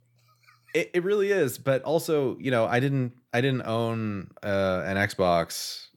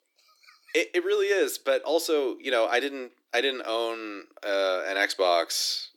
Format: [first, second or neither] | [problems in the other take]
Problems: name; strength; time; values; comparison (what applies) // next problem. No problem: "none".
first | thin; somewhat; fading below 300 Hz